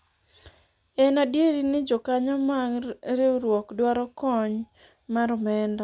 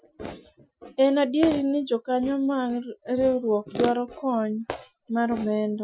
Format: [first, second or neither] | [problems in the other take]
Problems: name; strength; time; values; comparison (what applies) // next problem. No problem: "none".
first | noise reduction (classical method Wiener filter)